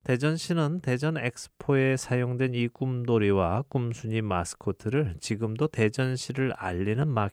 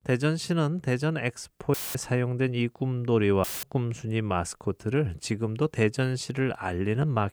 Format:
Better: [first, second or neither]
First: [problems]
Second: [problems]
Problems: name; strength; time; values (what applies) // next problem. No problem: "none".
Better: first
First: none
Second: audio cutting out; filled with static; at 1.5 s and at 3.5 s